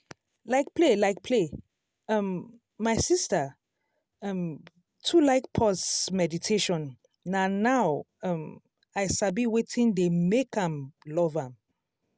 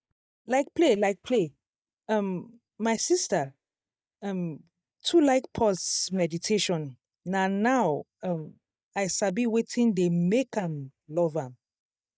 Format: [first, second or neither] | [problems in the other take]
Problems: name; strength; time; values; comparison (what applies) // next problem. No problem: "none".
first | noise reduction (neural mask model DeepFilterNet 3)